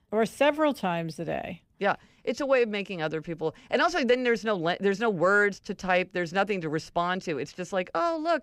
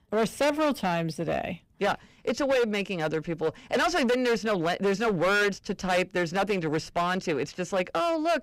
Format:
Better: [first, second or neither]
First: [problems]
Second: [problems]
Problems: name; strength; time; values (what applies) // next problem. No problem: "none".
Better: first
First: none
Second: distortion; heavy; 13% of the sound clipped